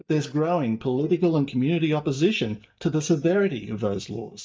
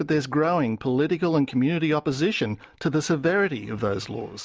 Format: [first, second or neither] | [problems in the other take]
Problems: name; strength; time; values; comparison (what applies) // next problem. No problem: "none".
second | noise reduction (neural mask model DeepFilterNet 3)